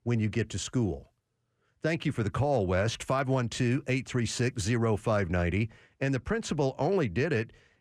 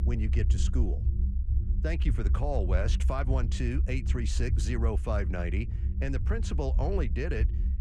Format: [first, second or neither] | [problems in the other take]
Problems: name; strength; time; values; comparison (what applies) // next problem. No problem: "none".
first | low rumble; noticeable; throughout; 10 dB below the speech